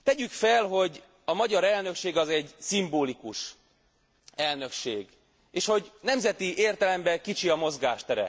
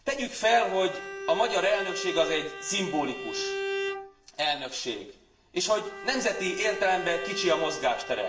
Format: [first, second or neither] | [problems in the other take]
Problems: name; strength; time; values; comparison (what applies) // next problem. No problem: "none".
first | background sound (Bowed string instrument); 8 dB below the speech // room echo; dies away in 0.6 s